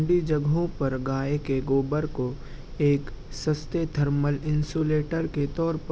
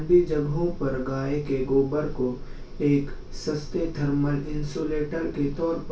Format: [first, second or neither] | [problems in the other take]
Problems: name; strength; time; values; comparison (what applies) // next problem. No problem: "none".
first | room echo; dies away in 0.2 s